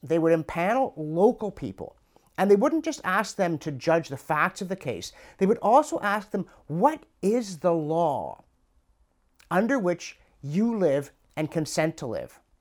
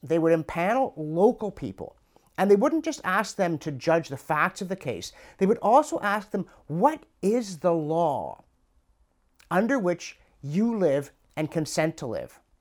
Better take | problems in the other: neither | none

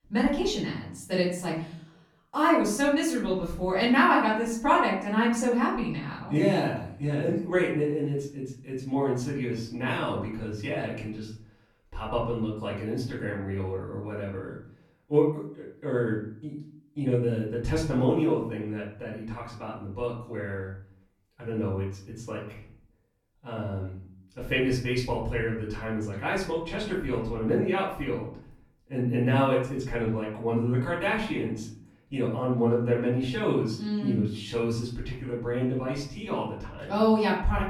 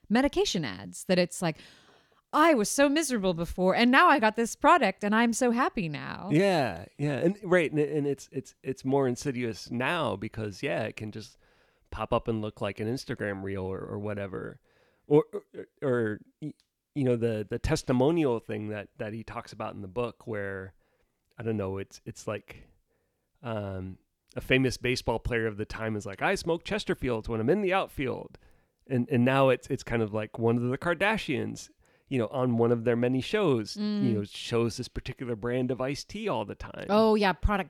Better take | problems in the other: second | off-mic speech; far // room echo; noticeable; dies away in 0.5 s

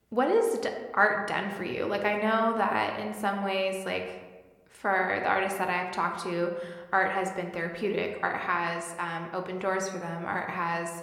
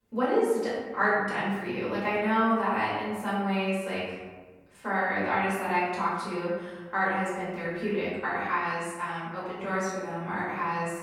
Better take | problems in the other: first | room echo; strong; dies away in 1.2 s; slight in the first // off-mic speech; far

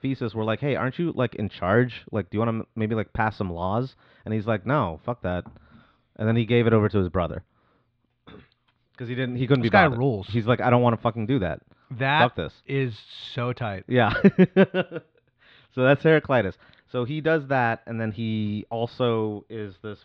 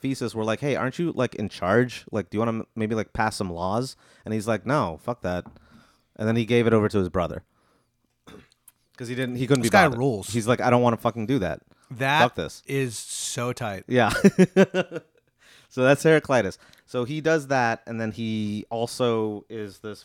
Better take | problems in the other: second | muffled; slightly; fading above 3.5 kHz

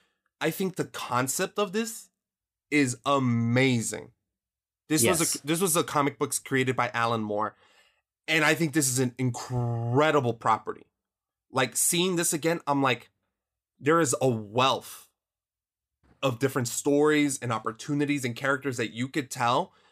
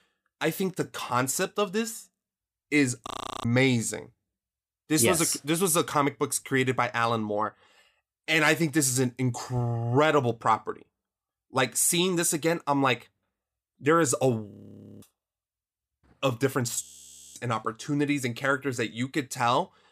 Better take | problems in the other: first | audio freezing; at 3 s, at 15 s for 0.5 s and at 17 s for 0.5 s

